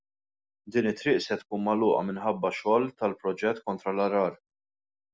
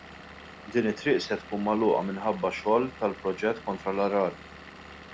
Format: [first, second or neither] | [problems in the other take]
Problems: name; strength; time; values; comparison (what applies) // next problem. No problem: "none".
first | background sound (Engine / Vehicle); 17 dB below the speech